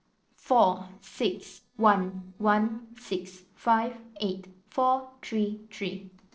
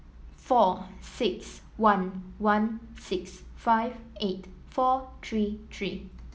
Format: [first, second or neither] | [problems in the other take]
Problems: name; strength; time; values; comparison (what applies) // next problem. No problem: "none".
second | noise reduction (neural separator model SepFormer DNS4)